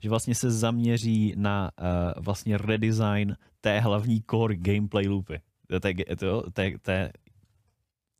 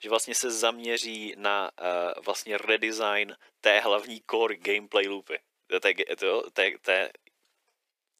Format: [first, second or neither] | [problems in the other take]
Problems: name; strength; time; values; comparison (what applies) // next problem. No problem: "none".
first | thin; very; fading below 350 Hz